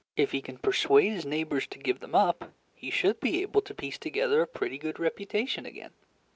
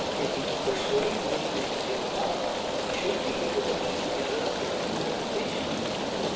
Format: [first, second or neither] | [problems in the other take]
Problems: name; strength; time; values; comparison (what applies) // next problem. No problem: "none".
first | background sound (Rain); 5 dB above the speech // room echo; dies away in 1.1 s